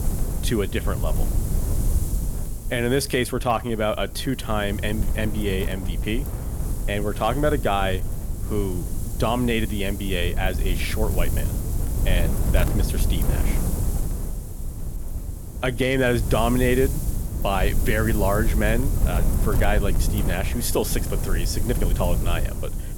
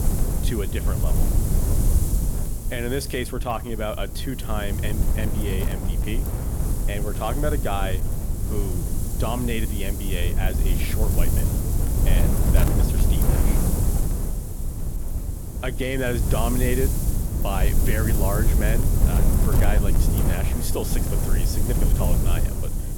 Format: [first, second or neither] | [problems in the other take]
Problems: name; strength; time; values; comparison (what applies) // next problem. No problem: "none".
first | wind noise on the microphone; heavy; 3 dB below the speech; occasional gusts in the first